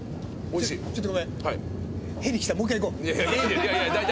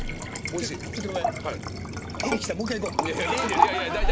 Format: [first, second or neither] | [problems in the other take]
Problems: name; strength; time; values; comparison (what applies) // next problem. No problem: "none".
first | background sound (Liquid); 1 dB above the speech